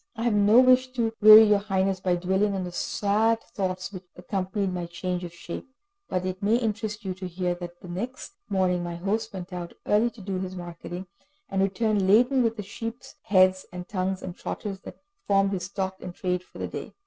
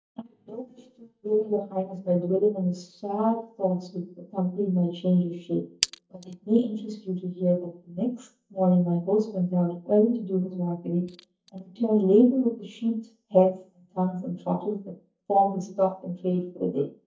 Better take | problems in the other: first | noise reduction (neural mask model DeepFilterNet 3)

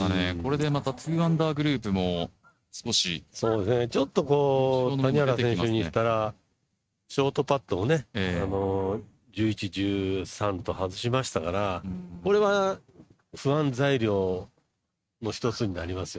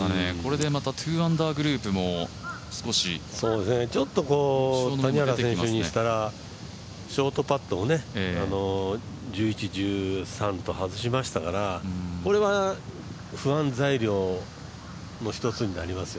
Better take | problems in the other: second | noise reduction (neural mask model RNNoise)

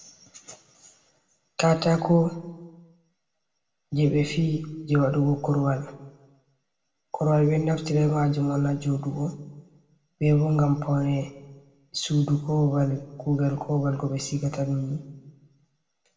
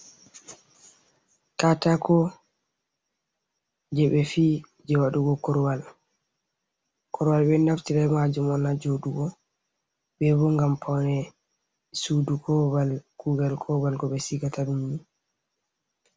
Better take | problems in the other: second | room echo; dies away in 0.9 s

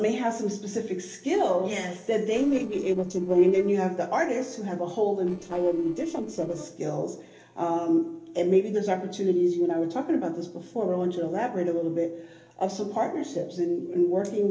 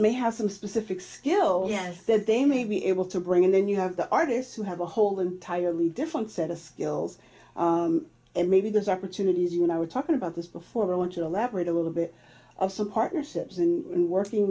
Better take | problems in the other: second | noise reduction (neural separator model SepFormer DNS4)

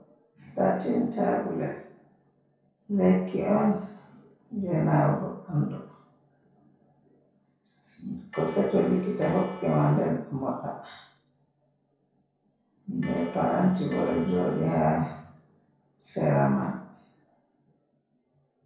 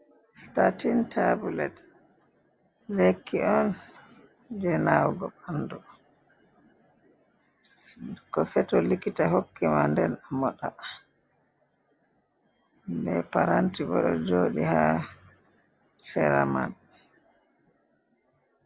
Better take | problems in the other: second | noise reduction (neural separator model SepFormer DNS4)

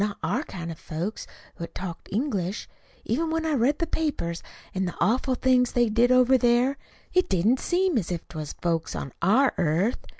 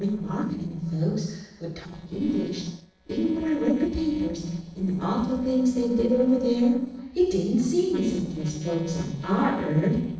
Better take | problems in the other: first | noise reduction (neural separator model SepFormer DNS4)

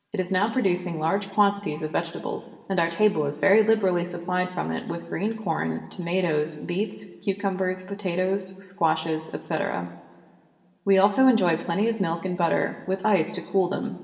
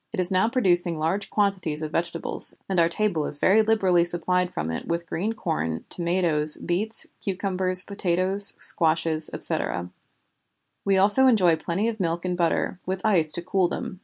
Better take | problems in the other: second | room echo; dies away in 2.2 s

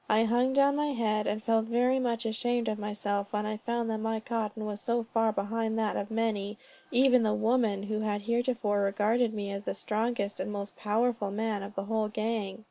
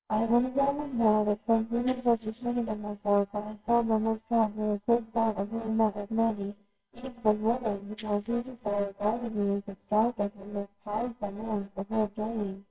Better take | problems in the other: first | noise reduction (neural separator model SepFormer WHAMR!)

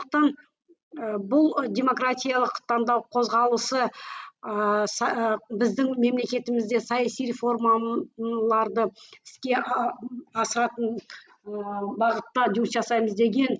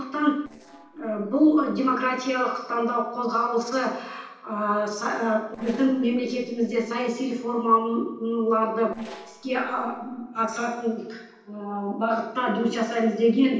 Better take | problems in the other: first | noise reduction (neural separator model SepFormer DNS4)

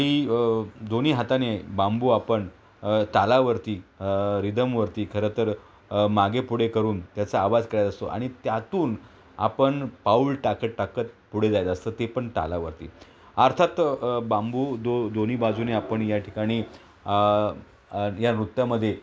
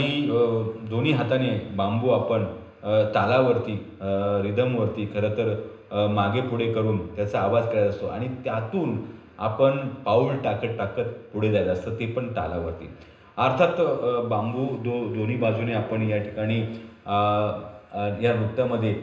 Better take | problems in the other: first | room echo; dies away in 0.9 s

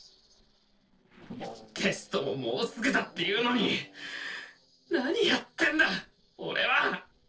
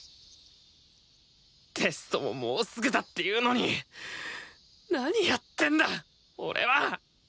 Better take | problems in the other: second | noise reduction (neural separator model SepFormer DNS4)

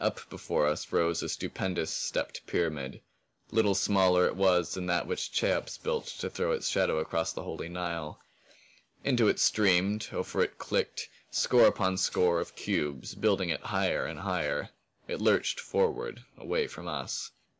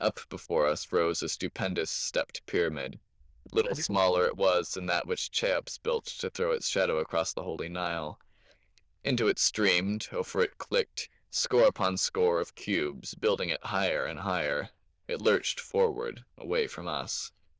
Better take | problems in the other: first | noise reduction (neural diffusion model UNIVERSE++)

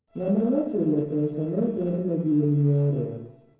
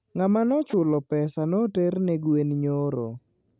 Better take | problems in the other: second | noise reduction (neural separator model SepFormer DNS4)

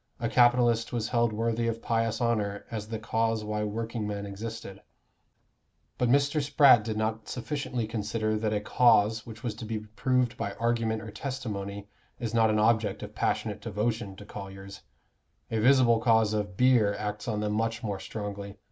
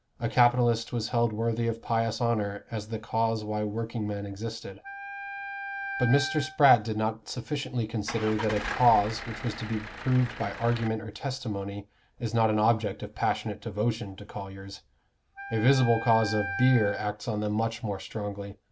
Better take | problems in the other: first | background sound (Wind instrument, woodwind instrument + Engine starting / Car); 9 dB below the speech

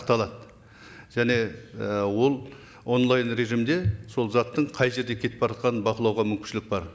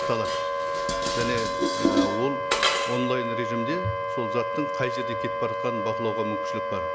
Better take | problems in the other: first | background sound (Dishes, pots, and pans + Wind instrument, woodwind instrument); 4 dB above the speech

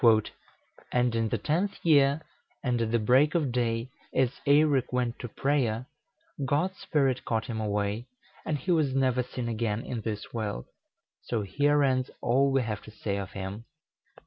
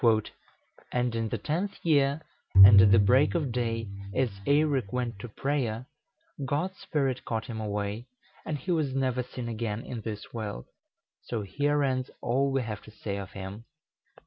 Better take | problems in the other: first | background sound (Bowed string instrument); 5 dB above the speech

